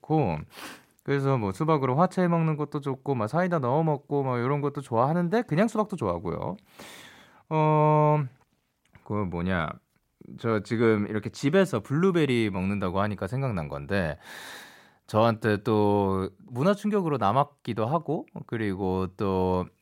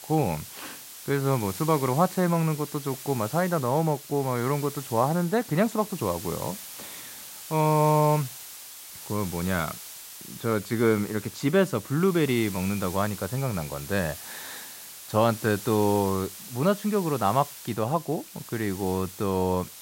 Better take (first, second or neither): first